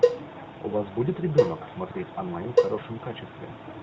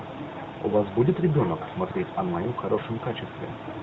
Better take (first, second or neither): second